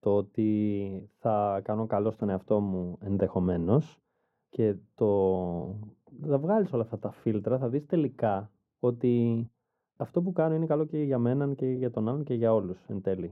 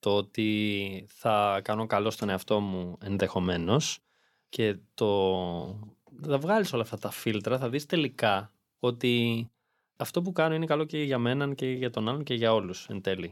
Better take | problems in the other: second | muffled; very; fading above 1.5 kHz

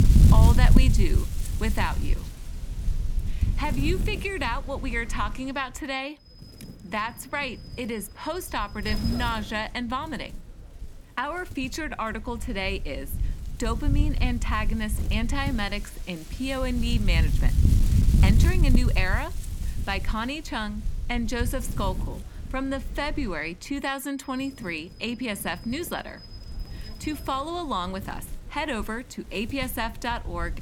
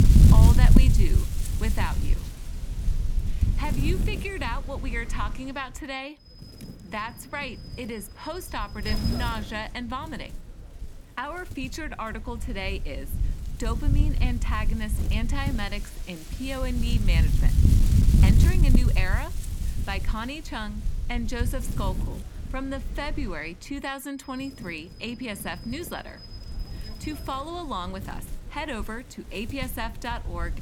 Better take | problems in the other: first | wind noise on the microphone; heavy; 6 dB below the speech; occasional gusts in the first

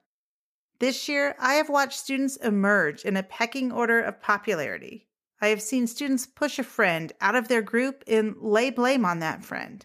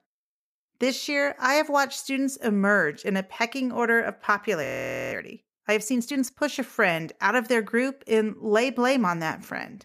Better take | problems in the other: first | audio freezing; at 4.5 s

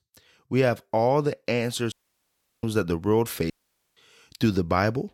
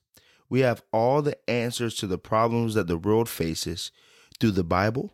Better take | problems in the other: second | audio cutting out; at 2 s for 0.5 s and at 3.5 s

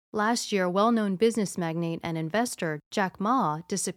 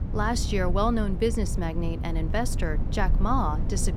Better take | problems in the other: first | low rumble; noticeable; throughout; 15 dB below the speech

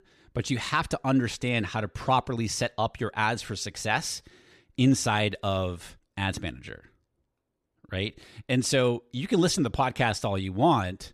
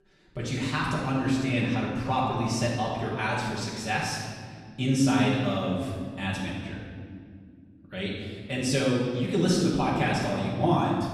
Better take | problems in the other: first | room echo; noticeable; dies away in 2 s // off-mic speech; far

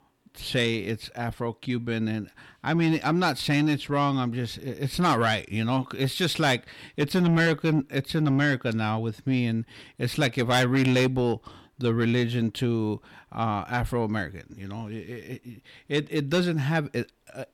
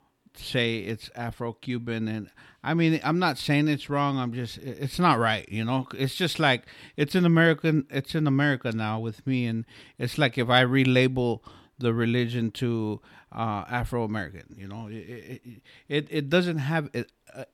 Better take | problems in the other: second | distortion; slight; 10 dB below the speech

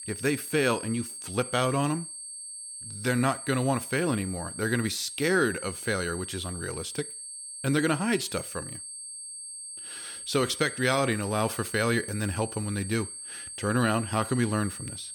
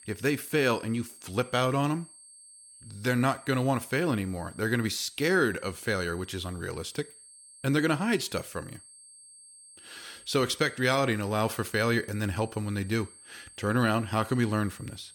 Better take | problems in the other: second | high-pitched whine; loud; throughout; 8.5 kHz, 9 dB below the speech; faint in the second

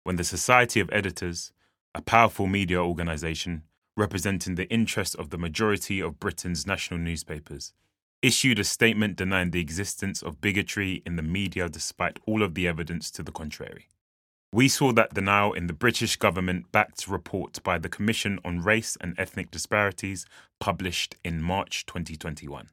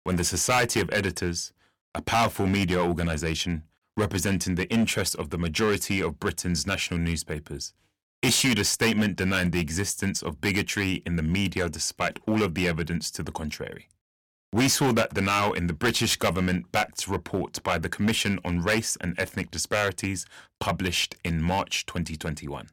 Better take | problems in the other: first | distortion; heavy; 6% of the sound clipped

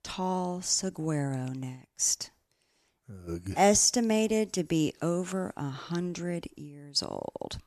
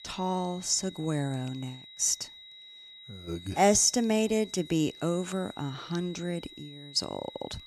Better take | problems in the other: first | high-pitched whine; noticeable; throughout; 4 kHz, 20 dB below the speech

